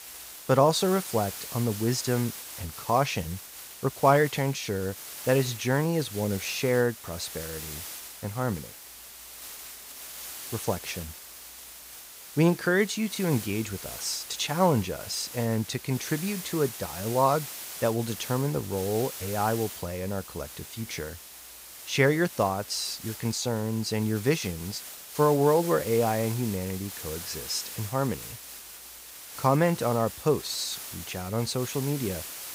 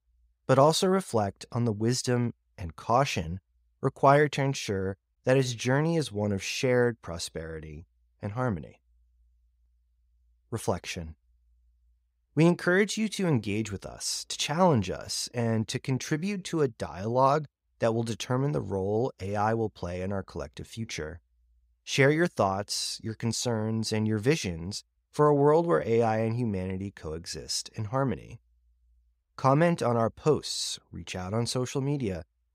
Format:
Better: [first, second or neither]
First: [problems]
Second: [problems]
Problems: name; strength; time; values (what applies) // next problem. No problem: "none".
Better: second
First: hiss; noticeable; throughout; 10 dB below the speech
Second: none